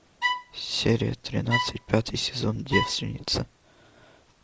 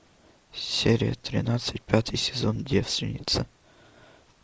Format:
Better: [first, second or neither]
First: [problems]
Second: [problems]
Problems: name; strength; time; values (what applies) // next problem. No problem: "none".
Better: second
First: background sound (Bowed string instrument); 3 dB below the speech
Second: none